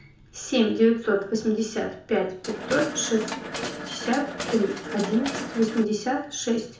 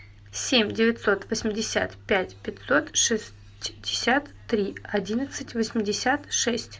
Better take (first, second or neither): second